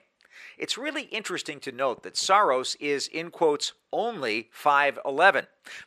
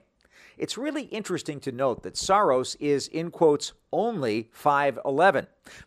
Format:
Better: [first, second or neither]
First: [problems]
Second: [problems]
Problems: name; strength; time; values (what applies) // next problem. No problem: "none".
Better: second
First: thin; very slightly; fading below 1 kHz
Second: none